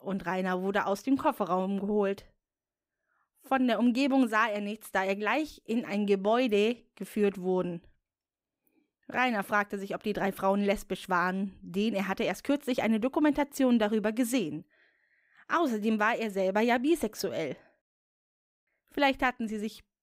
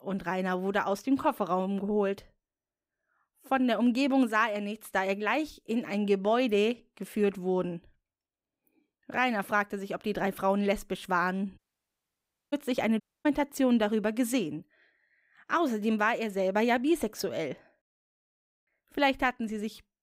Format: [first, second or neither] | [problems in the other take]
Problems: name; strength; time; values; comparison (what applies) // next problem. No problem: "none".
first | audio cutting out; at 12 s for 1 s and at 13 s